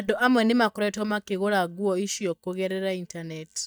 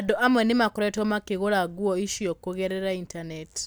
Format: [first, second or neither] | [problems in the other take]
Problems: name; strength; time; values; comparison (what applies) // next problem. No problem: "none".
second | noise reduction (neural mask model DeepFilterNet 3)